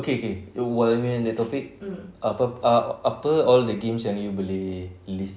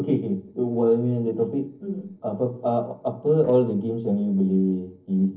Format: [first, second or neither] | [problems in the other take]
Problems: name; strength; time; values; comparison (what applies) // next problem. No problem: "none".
first | noise reduction (neural separator model SepFormer DNS4)